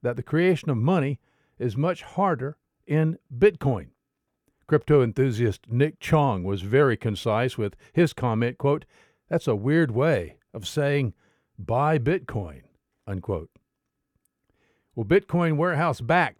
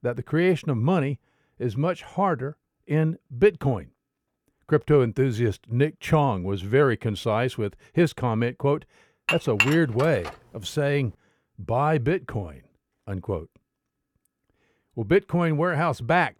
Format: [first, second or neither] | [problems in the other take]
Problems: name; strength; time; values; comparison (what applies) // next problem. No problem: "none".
first | clattering dishes; loud; from 9.5 to 10 s; peak 2 dB above the speech